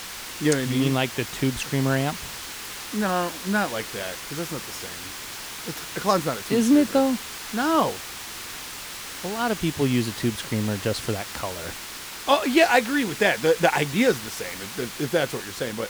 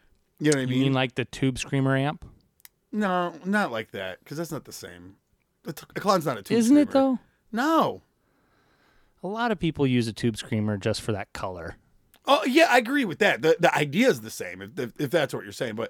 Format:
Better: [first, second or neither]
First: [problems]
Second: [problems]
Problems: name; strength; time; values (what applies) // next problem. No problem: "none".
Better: second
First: hiss; loud; throughout; 9 dB below the speech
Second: none